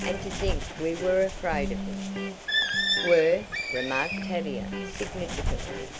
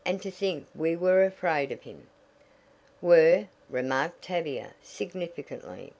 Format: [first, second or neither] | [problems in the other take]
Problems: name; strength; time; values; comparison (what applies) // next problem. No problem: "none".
second | background sound (Electric guitar + Bird); 1 dB below the speech